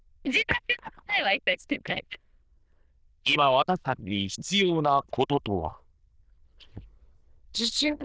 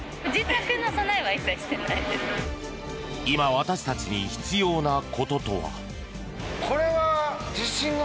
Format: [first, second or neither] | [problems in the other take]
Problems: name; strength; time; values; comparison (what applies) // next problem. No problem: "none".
second | noise reduction (neural diffusion model UNIVERSE++)